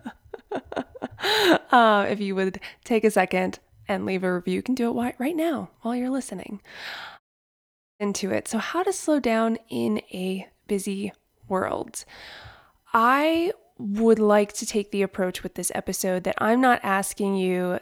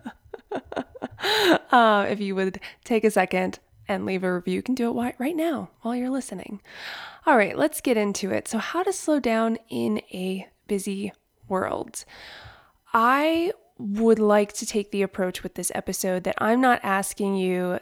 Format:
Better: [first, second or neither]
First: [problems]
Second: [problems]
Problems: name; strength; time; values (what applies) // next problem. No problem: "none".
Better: second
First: audio cutting out; at 7 s for 1 s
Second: none